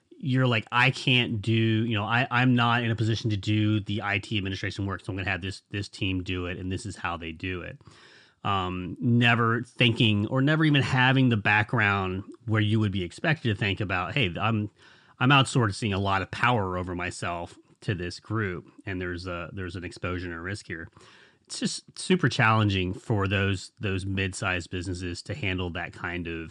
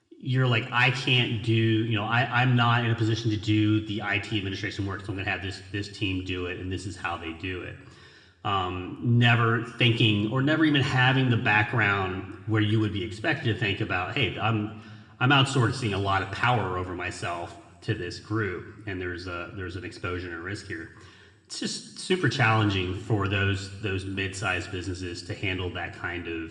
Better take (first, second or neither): first